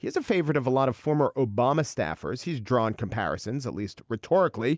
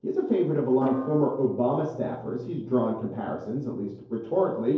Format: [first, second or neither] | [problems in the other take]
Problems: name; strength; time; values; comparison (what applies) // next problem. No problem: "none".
first | noise reduction (neural separator model SepFormer DNS4)